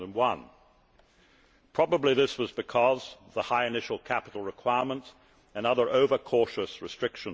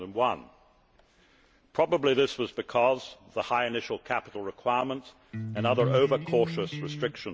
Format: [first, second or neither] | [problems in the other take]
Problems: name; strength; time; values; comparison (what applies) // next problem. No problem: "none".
first | background sound (Electric guitar); 5 dB below the speech